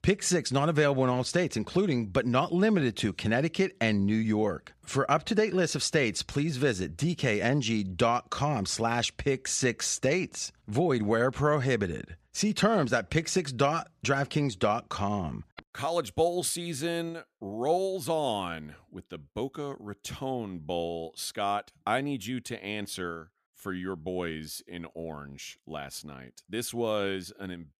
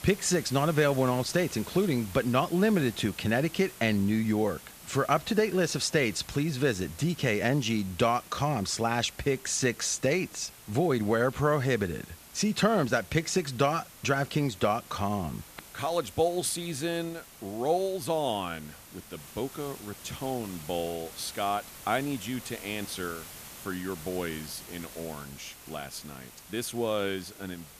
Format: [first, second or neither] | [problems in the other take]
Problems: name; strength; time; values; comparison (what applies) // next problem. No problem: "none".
first | hiss; noticeable; throughout; 15 dB below the speech